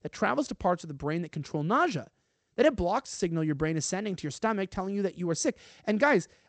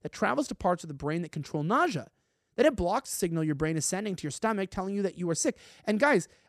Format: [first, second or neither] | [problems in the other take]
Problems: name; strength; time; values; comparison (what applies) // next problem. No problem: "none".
second | garbled, watery; slightly; nothing above 8 kHz